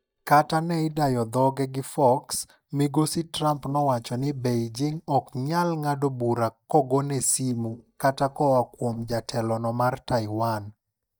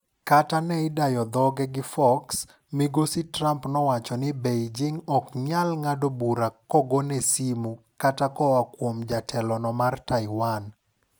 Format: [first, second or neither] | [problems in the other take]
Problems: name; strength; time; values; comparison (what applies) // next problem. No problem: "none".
second | noise reduction (neural mask model DeepFilterNet 3)